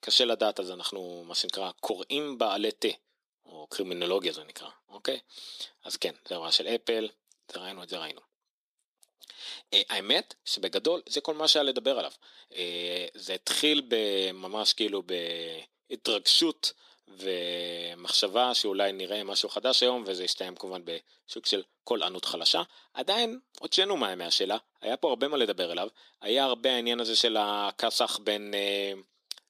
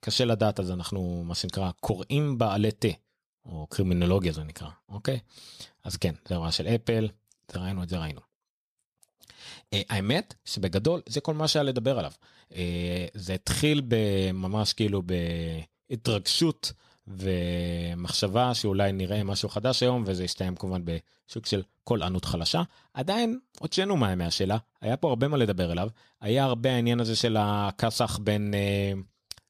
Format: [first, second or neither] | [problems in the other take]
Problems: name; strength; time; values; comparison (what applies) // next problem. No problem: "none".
second | thin; somewhat; fading below 300 Hz